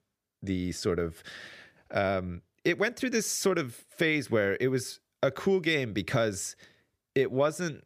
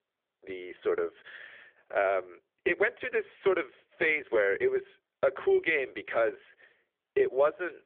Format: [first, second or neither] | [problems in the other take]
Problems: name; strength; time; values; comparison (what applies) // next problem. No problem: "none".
first | phone-call audio; poor line; nothing above 3.5 kHz